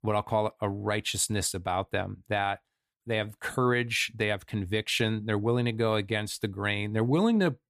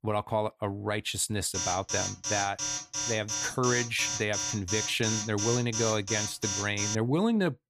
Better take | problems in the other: first | alarm; noticeable; from 1.5 to 7 s; peak level with the speech

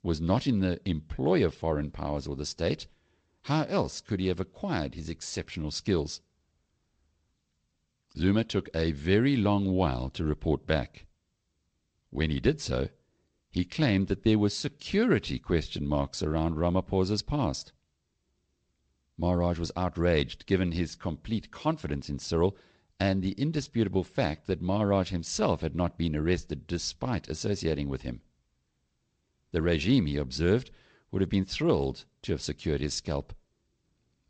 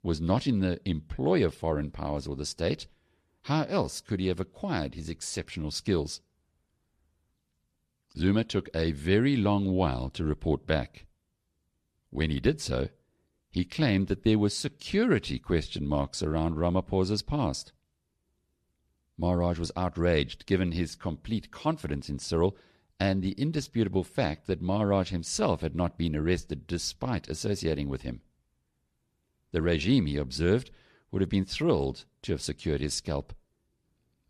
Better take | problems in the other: second | garbled, watery; slightly; nothing above 8 kHz

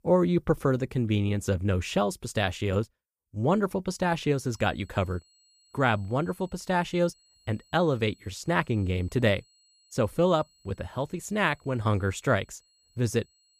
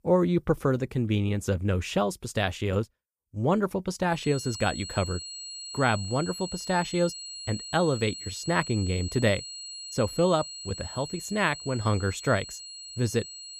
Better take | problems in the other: first | high-pitched whine; loud; from 4 s on; 4.5 kHz, 10 dB below the speech; faint in the first

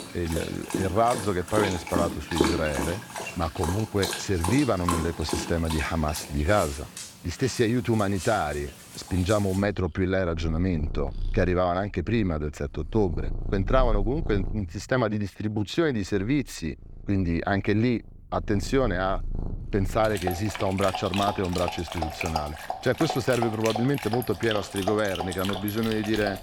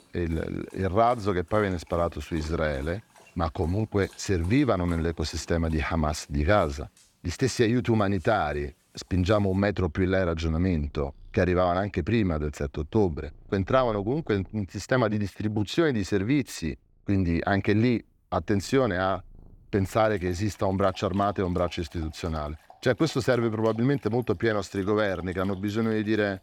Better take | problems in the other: second | animal sounds; loud; throughout; 7 dB below the speech; faint in the second

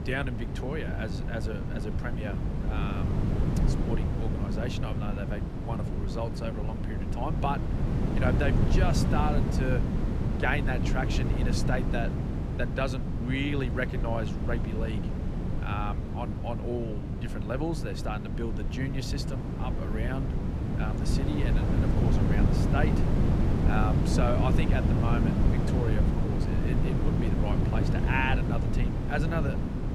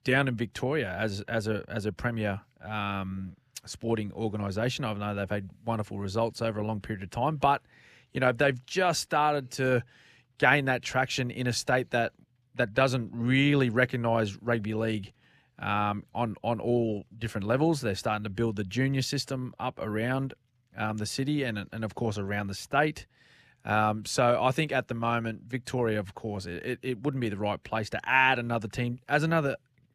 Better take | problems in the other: second | wind noise on the microphone; heavy; 2 dB below the speech

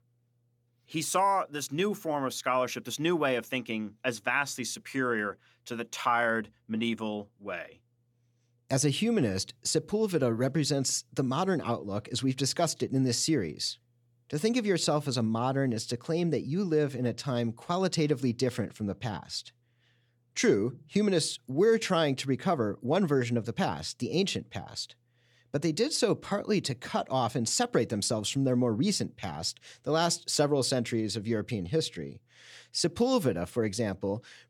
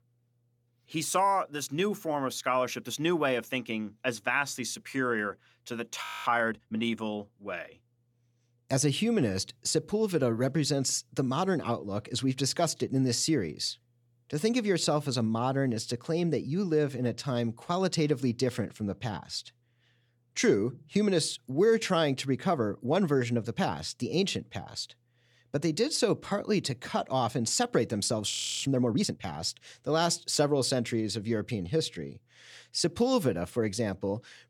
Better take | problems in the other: first | audio freezing; at 6 s and at 28 s

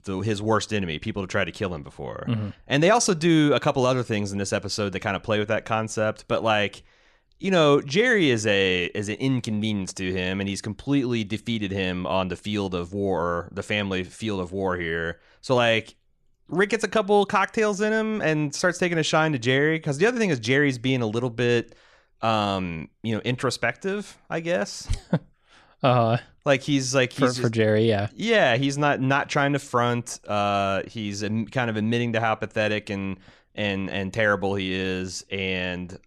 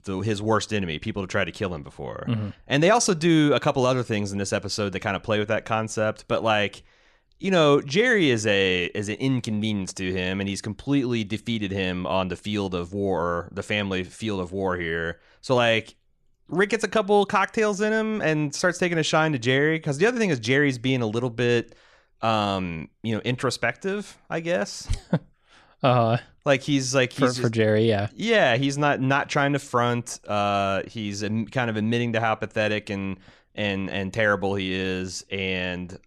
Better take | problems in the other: neither | none

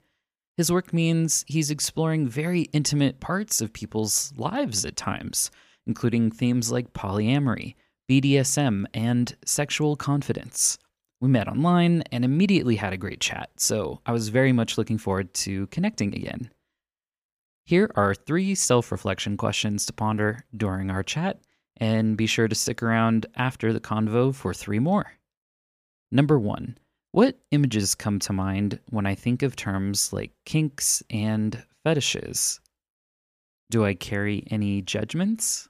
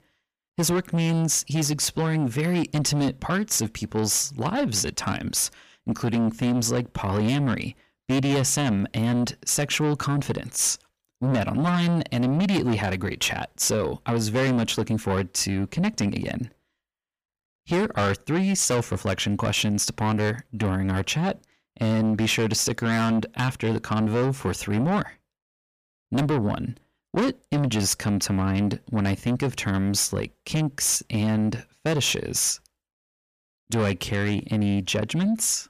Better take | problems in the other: first | distortion; heavy; 7 dB below the speech

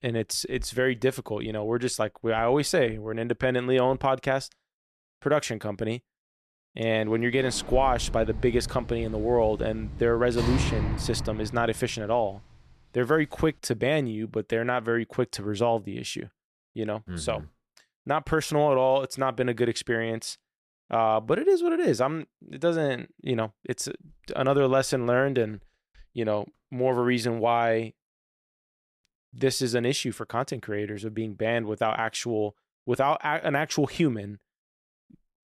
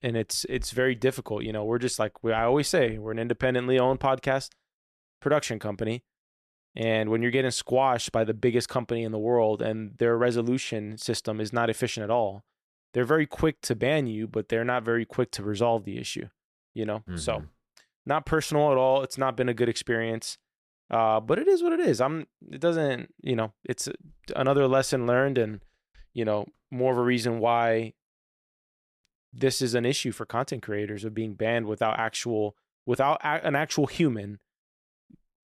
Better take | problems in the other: second | door banging; noticeable; from 7.5 to 12 s; peak 1 dB below the speech

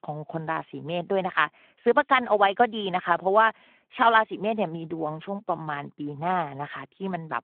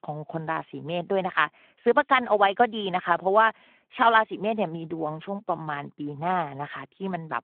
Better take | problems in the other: neither | phone-call audio; the same in both

